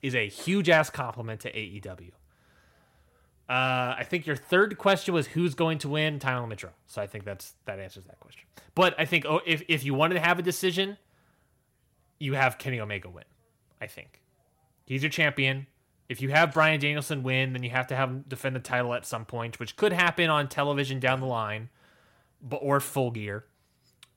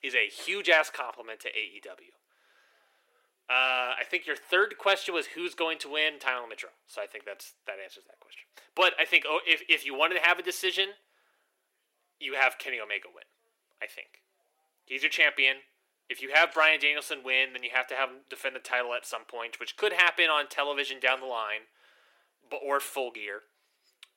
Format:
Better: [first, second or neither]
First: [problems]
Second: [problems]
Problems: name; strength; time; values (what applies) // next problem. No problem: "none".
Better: first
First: none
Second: thin; very; fading below 350 Hz